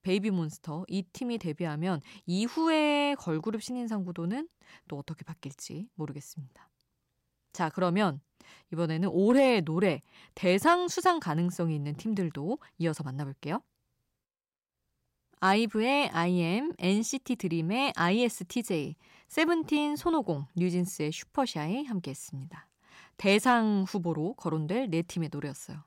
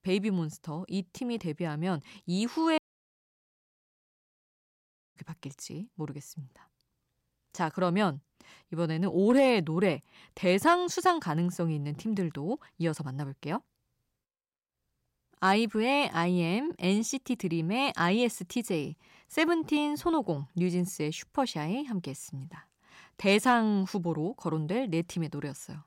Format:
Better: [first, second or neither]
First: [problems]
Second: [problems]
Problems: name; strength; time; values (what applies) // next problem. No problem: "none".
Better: first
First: none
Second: audio cutting out; at 3 s for 2.5 s